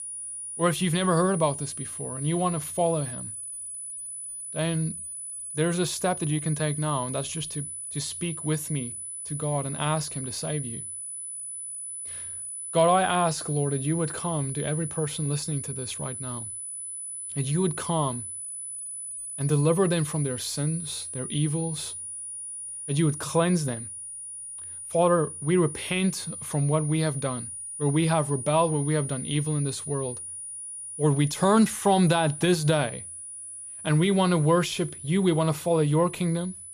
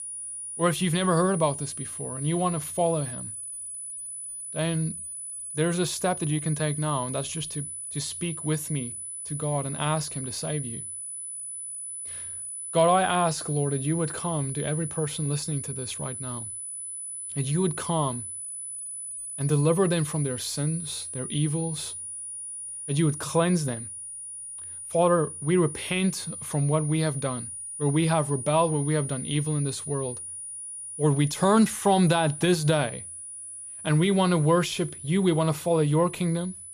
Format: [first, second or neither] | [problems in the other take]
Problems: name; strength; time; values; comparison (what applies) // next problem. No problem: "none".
neither | high-pitched whine; loud; throughout; 10 kHz, 8 dB below the speech; the same in both